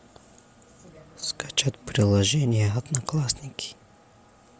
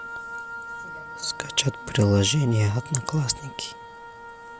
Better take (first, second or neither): first